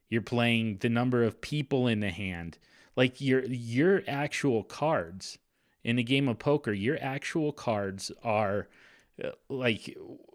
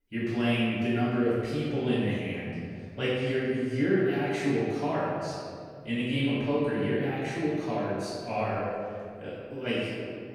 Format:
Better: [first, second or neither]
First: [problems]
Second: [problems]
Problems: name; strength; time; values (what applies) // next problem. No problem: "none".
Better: first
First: none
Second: off-mic speech; far // room echo; strong; dies away in 2 s